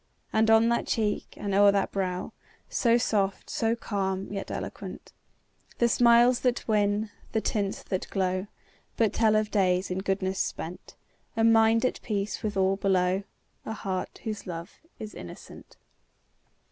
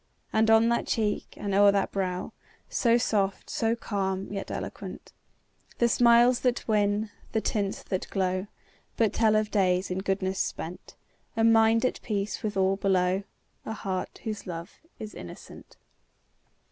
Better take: second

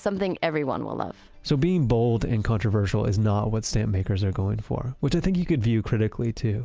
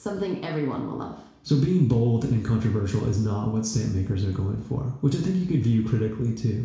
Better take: first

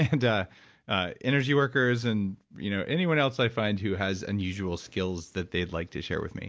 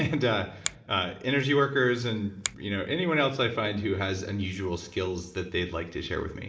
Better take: first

